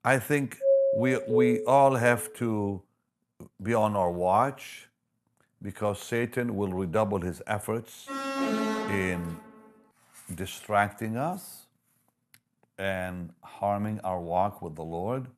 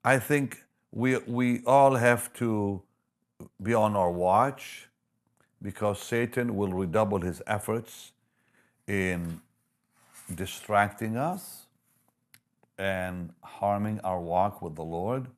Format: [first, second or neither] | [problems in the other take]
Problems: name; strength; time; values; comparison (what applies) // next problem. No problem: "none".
second | doorbell; loud; from 0.5 to 1.5 s; peak 5 dB above the speech // alarm; loud; from 8 to 9.5 s; peak level with the speech